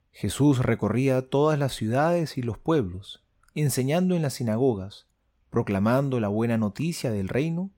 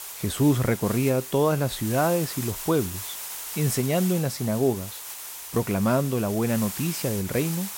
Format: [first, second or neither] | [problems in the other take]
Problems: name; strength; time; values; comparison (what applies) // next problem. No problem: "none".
first | hiss; loud; throughout; 8 dB below the speech